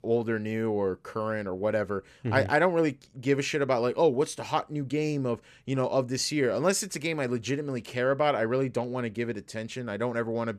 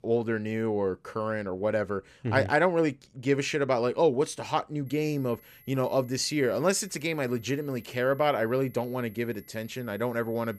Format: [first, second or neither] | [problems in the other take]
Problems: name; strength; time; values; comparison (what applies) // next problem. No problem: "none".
first | high-pitched whine; faint; from 5 s on; 11.5 kHz, 25 dB below the speech